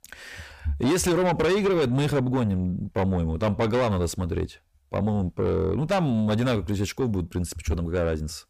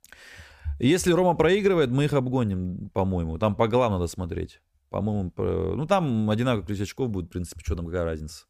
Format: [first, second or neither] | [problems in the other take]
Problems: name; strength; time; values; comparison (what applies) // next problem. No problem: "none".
second | distortion; heavy; 7 dB below the speech